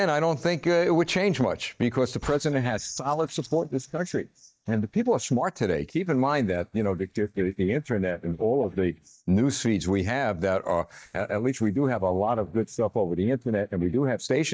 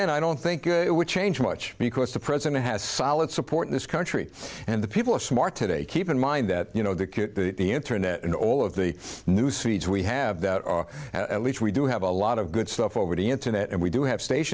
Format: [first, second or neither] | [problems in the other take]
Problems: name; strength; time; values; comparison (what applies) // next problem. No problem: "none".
second | noise reduction (neural mask model DeepFilterNet 3)